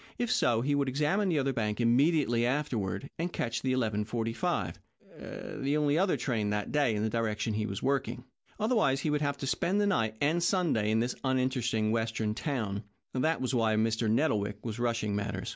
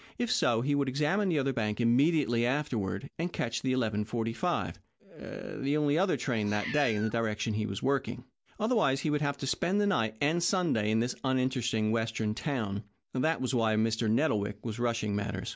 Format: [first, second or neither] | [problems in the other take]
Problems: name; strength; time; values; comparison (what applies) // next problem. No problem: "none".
first | background sound (Meow); 14 dB below the speech